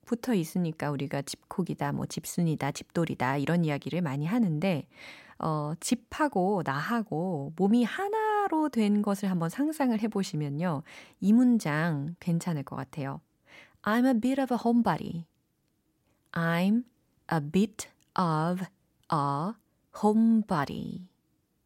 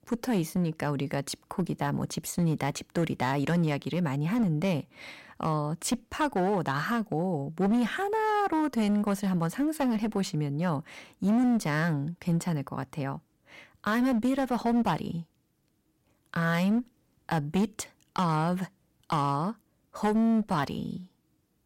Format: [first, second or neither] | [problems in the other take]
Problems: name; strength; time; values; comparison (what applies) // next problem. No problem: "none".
first | distortion; slight; 10% of the sound clipped